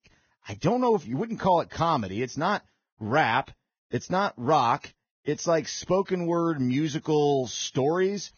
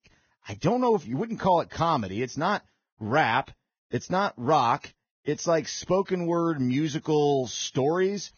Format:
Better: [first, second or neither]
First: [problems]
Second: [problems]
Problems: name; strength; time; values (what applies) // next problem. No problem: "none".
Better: neither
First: garbled, watery; badly; nothing above 6.5 kHz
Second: garbled, watery; badly; nothing above 6.5 kHz